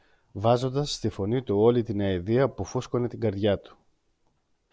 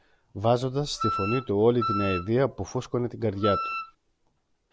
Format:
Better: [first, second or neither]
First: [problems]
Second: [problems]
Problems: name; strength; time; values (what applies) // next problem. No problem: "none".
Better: first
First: none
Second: background sound (Wind instrument, woodwind instrument); 4 dB below the speech